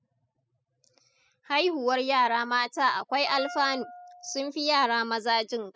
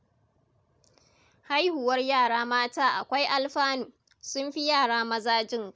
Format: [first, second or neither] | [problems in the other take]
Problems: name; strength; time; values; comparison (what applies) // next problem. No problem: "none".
second | noise reduction (classical method spectral subtraction)